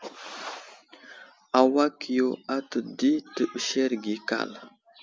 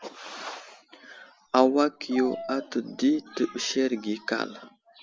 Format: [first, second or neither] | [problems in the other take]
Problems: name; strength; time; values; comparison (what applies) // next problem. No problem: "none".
first | background sound (Dog); 17 dB below the speech